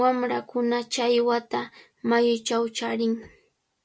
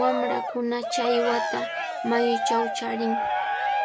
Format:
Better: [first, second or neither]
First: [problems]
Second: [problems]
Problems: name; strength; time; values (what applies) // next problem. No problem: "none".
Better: first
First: none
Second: background sound (Cheering); as loud as the speech